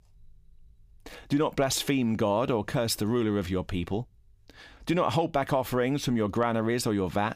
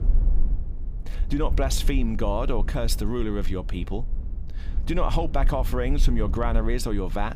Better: first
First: none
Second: low rumble; noticeable; throughout; 20 dB below the speech

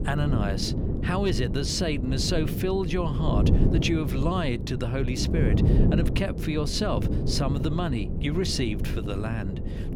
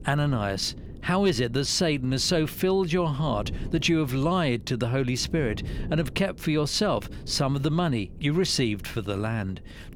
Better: second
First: wind noise on the microphone; heavy; 6 dB below the speech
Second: wind noise on the microphone; occasional gusts; 20 dB below the speech

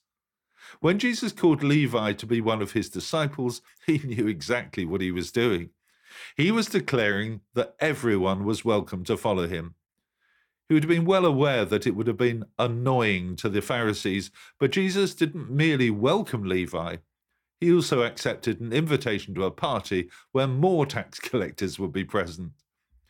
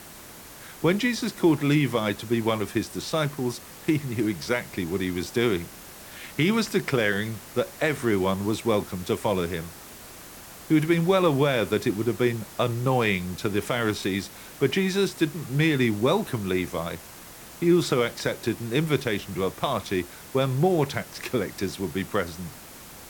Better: first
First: none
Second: hiss; noticeable; throughout; 15 dB below the speech

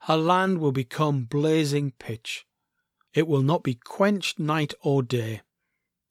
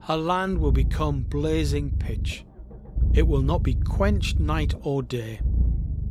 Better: first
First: none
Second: low rumble; noticeable; throughout; 15 dB below the speech

